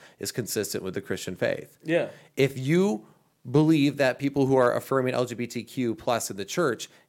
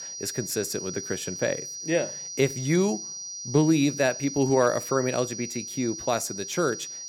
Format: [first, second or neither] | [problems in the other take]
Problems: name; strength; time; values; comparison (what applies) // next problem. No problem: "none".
first | high-pitched whine; loud; throughout; 6 kHz, 7 dB below the speech